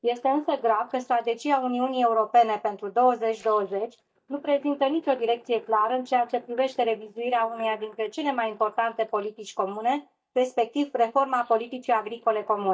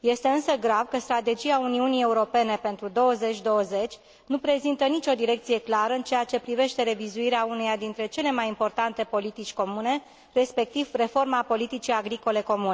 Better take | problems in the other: second | noise reduction (neural mask model DeepFilterNet 3)

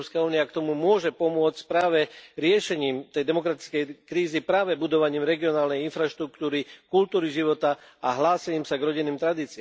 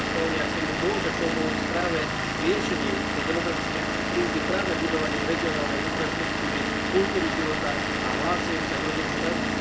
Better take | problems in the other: first | background sound (Engine / Vehicle); 3 dB above the speech // room echo; dies away in 0.8 s

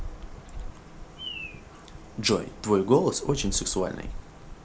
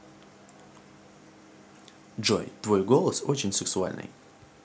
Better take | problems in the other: second | background sound (Bird vocalization, bird call, bird song); 10 dB below the speech

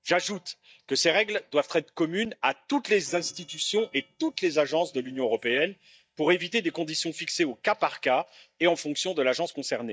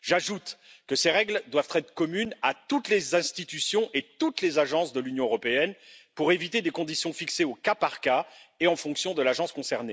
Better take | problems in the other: second | noise reduction (neural mask model DeepFilterNet 3)

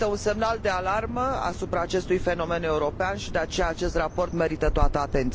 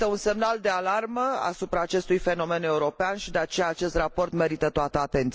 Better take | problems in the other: second | background sound (Bird vocalization, bird call, bird song); 5 dB below the speech

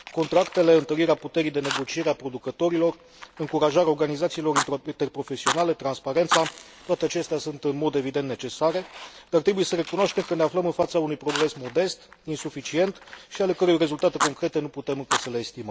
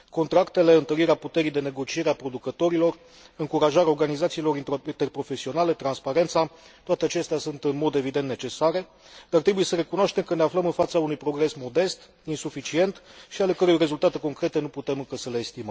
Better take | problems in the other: second | background sound (Fire); 10 dB below the speech

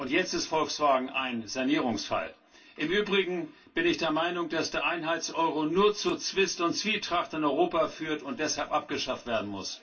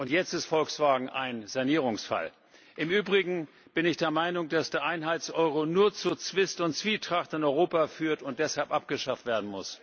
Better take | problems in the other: second | room echo; dies away in 0.2 s

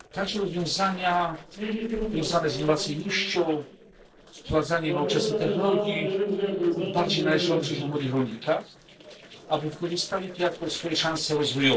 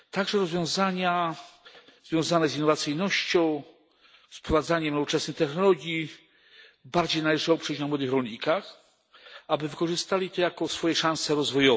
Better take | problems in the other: second | noise reduction (neural separator model SepFormer DNS4)

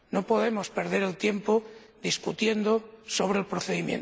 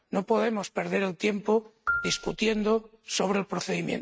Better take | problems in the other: first | noise reduction (neural mask model RNNoise)

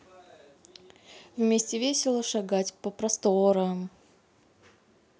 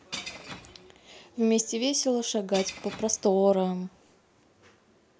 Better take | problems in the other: first | background sound (Shatter / Crushing); 17 dB below the speech

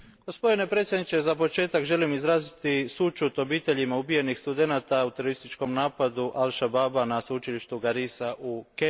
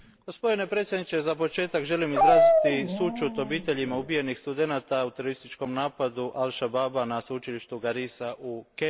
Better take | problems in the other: first | background sound (Dog); 4 dB above the speech

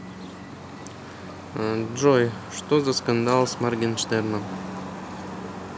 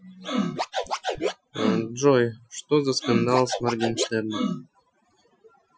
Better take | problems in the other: first | noise reduction (classical method Wiener filter)

